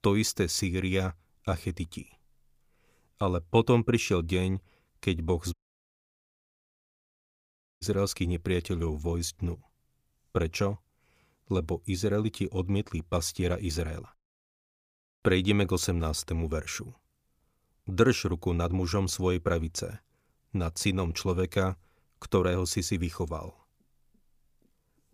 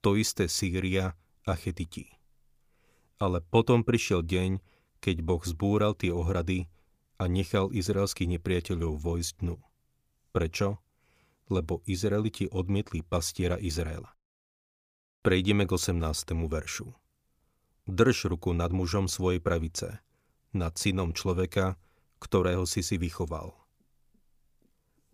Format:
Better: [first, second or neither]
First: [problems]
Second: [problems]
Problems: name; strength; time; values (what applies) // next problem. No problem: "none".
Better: second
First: audio cutting out; at 5.5 s for 2.5 s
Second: none